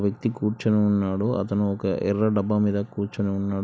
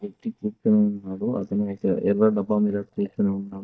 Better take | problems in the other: first | noise reduction (neural mask model DeepFilterNet 3)

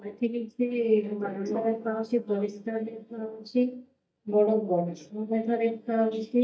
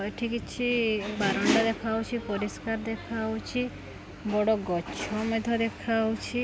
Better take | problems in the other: second | noise reduction (neural mask model DeepFilterNet 3)

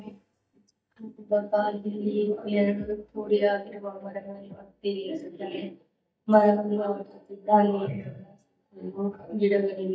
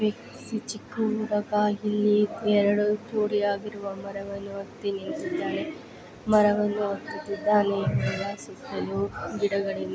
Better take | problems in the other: second | noise reduction (neural mask model DeepFilterNet 3)

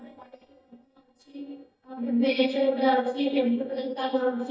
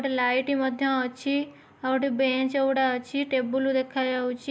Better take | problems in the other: second | noise reduction (neural mask model DeepFilterNet 3)

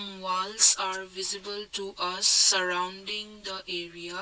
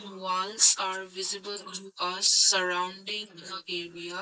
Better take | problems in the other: first | noise reduction (neural mask model Resemble Enhance denoiser)

